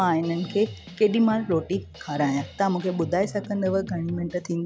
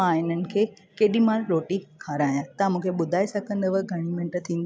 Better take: second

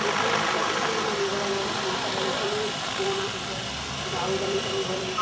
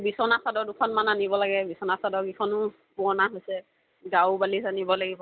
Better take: second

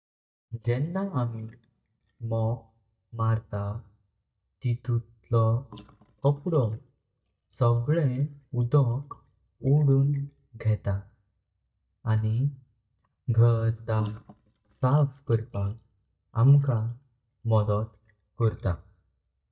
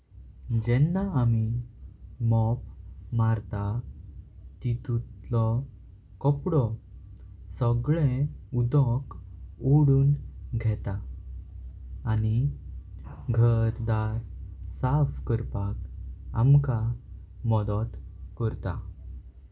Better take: second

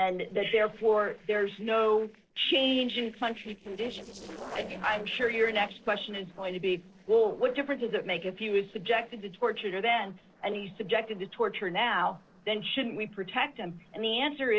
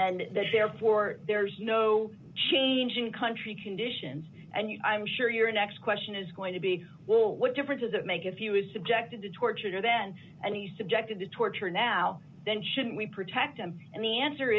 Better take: second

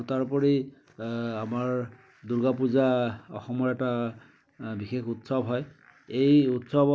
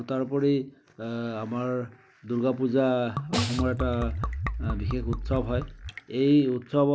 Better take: first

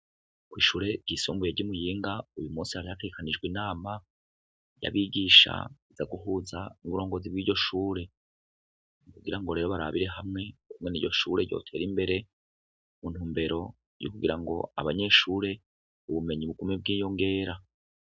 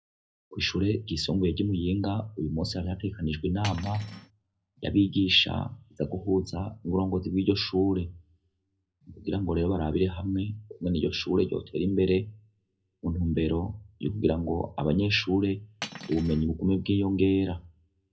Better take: first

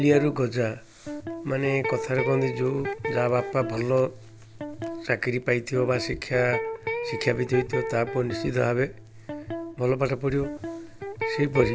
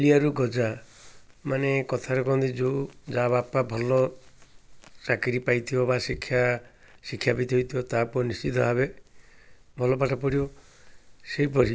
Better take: second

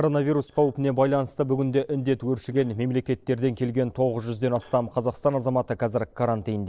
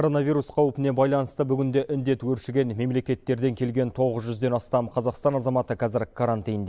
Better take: second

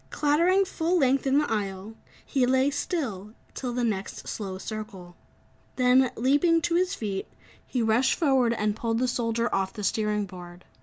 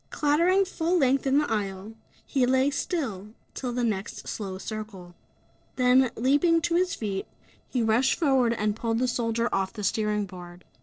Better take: first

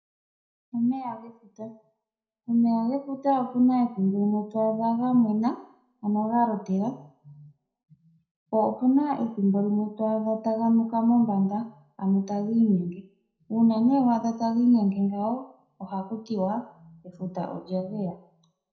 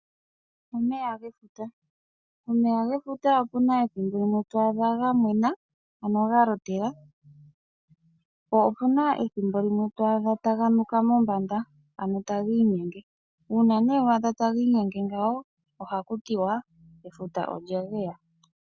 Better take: second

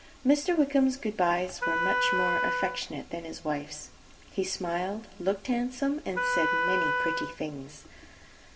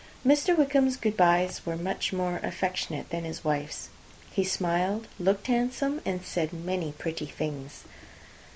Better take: second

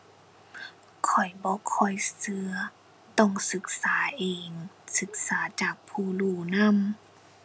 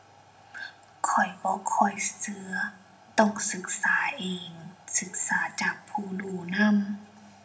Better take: first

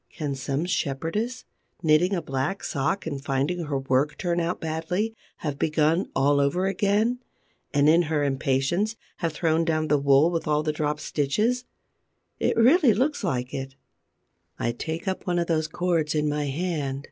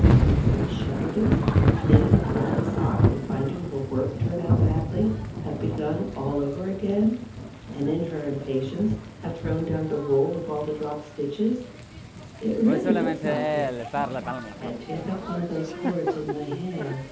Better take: first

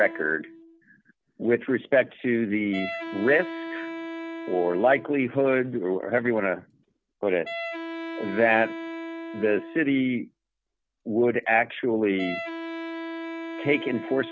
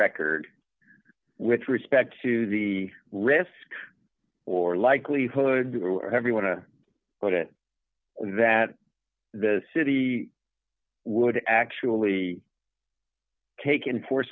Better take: second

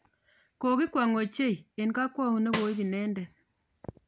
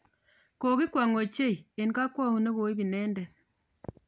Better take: second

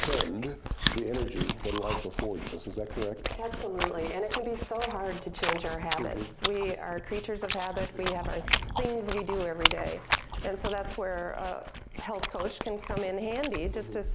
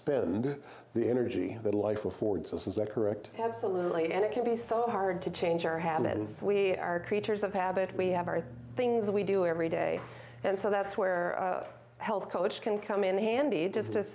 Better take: second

